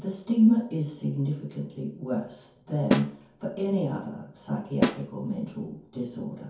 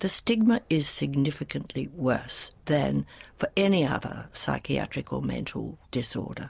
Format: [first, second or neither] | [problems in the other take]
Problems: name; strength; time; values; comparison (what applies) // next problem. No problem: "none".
second | background sound (Snare drum); 3 dB below the speech // room echo; dies away in 0.6 s